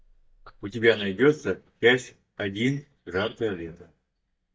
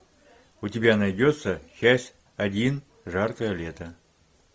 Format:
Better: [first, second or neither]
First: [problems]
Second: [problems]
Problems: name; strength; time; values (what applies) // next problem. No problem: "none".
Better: second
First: noise reduction (neural mask model DeepFilterNet 3)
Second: none